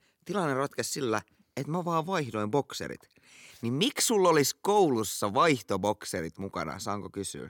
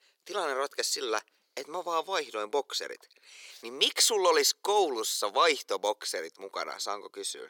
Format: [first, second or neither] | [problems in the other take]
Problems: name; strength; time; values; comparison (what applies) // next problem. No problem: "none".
first | thin; very; fading below 450 Hz